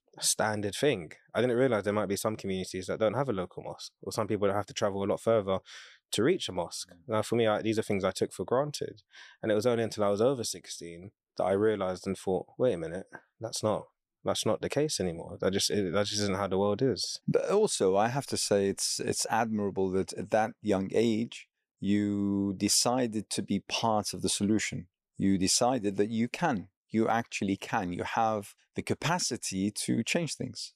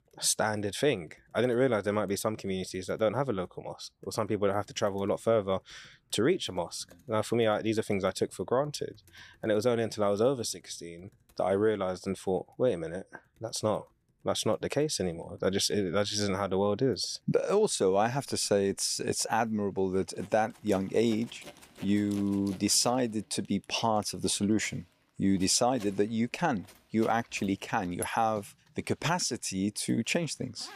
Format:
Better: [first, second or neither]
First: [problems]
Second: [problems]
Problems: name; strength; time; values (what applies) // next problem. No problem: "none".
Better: first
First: none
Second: household noises; faint; throughout; 25 dB below the speech